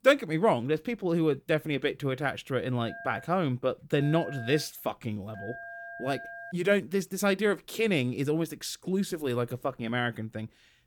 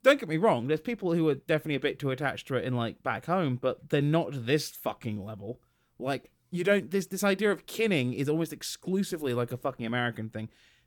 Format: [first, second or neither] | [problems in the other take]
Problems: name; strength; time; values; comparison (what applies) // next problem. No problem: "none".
second | phone ringing; faint; from 3 to 6.5 s; peak 10 dB below the speech